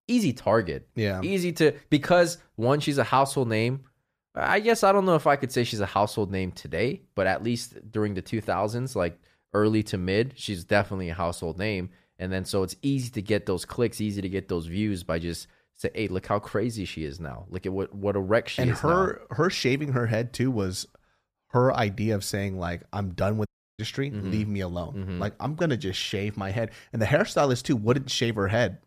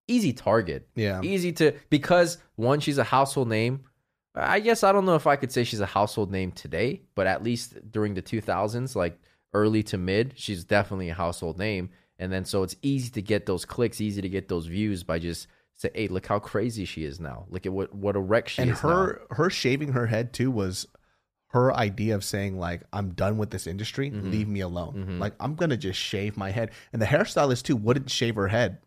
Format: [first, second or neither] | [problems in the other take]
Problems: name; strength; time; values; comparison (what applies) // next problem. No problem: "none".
second | audio cutting out; at 23 s